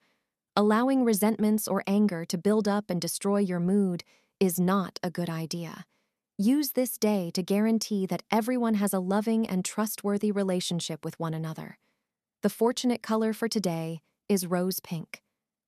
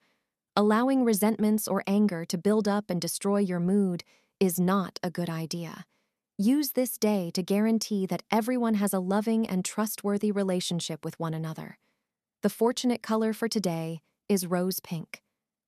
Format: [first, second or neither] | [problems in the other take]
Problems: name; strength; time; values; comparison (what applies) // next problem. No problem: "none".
neither | none